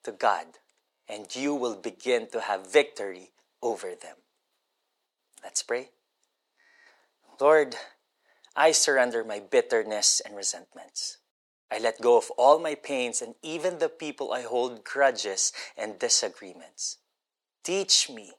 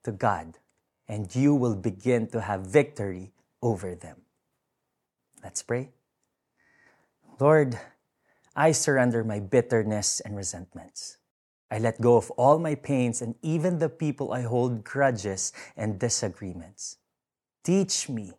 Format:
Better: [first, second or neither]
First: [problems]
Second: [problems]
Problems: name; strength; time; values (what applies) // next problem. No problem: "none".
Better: second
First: thin; somewhat; fading below 400 Hz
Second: none